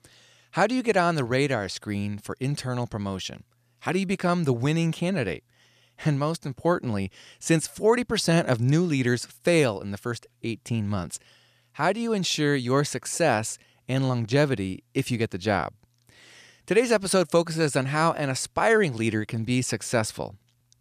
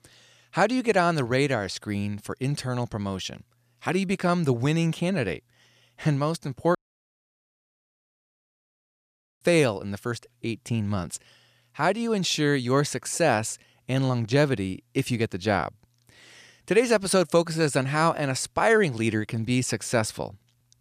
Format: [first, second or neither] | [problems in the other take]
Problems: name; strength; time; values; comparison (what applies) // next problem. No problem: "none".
first | audio cutting out; at 7 s for 2.5 s